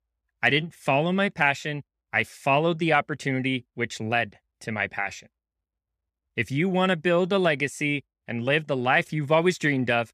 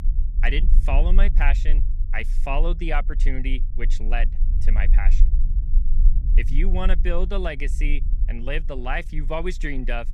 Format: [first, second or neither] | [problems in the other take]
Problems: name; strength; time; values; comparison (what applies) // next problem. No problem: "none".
first | low rumble; noticeable; throughout; 15 dB below the speech